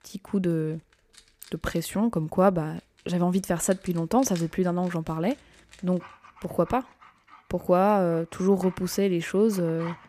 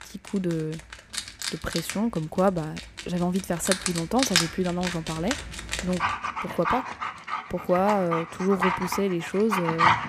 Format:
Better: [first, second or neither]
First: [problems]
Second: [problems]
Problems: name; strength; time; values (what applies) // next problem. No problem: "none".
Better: first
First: animal sounds; faint; throughout; 25 dB below the speech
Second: animal sounds; loud; throughout; 1 dB below the speech